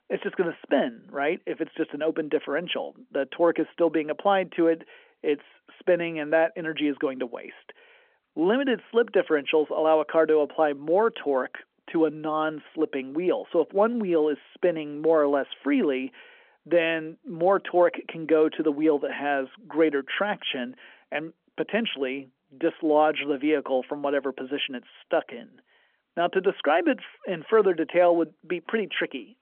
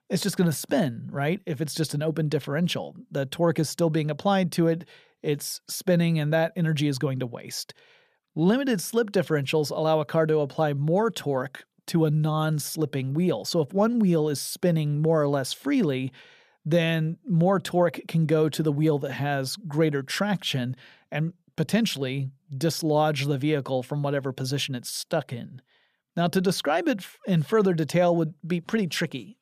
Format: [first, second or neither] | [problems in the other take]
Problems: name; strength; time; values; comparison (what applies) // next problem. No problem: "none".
second | phone-call audio; nothing above 3.5 kHz